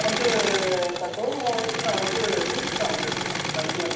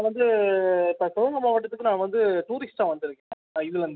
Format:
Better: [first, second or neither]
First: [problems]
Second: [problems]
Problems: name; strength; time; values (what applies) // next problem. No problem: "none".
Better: second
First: background sound (Engine / Mechanisms); as loud as the speech // room echo; dies away in 0.9 s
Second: none